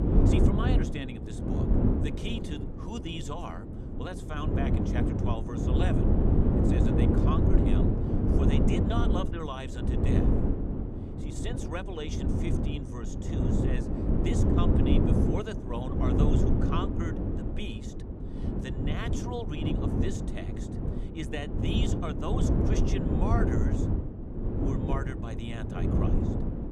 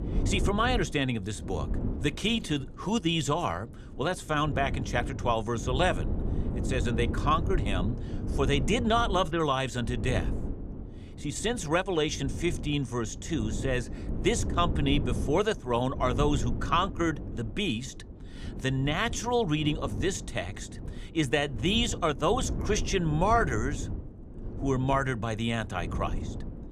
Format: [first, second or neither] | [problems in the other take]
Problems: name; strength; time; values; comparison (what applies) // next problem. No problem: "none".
second | wind noise on the microphone; heavy; 3 dB above the speech; occasional gusts in the second